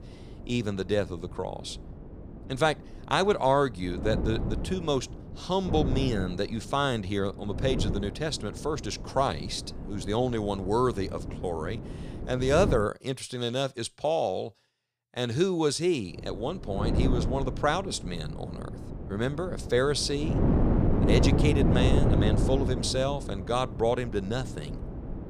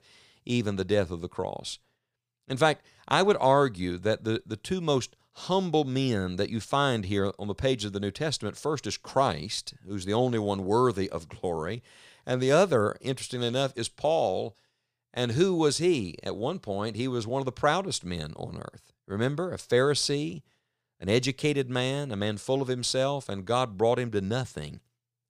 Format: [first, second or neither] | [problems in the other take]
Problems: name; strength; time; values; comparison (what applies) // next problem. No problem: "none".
second | wind noise on the microphone; heavy; until 13 s and from 16 s on; 8 dB below the speech